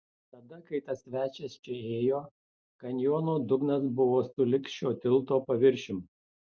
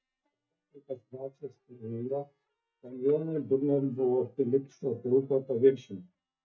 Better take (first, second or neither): first